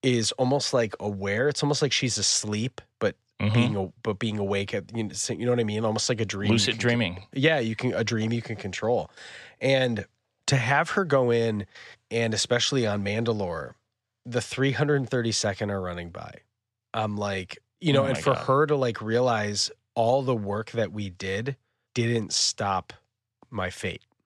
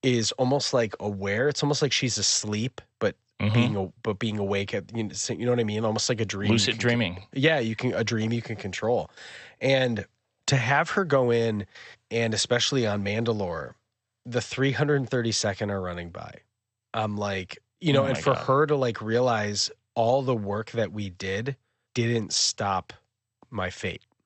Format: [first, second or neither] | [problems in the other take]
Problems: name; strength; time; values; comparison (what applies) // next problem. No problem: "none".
first | garbled, watery; slightly; nothing above 8 kHz